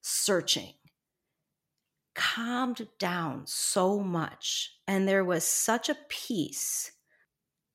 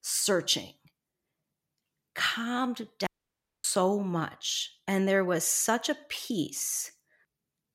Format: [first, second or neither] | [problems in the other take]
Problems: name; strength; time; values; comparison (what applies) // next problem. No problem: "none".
first | audio cutting out; at 3 s for 0.5 s